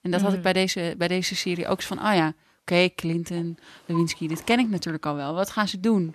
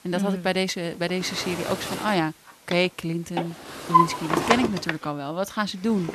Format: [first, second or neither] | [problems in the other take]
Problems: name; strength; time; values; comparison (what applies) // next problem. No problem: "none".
first | household noises; loud; throughout; as loud as the speech; faint in the first